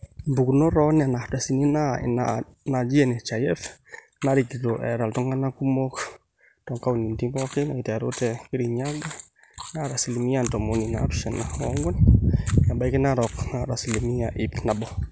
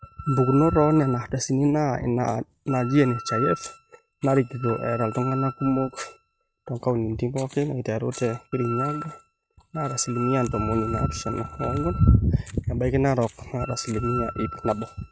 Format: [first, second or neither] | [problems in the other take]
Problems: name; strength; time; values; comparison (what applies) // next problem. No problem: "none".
first | noise reduction (neural mask model RNNoise)